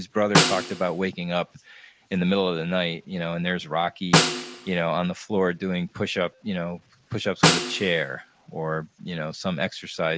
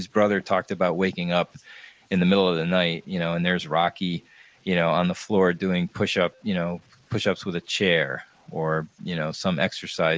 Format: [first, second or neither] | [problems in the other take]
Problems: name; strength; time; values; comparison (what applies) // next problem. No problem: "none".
second | background sound (Snare drum); 2 dB above the speech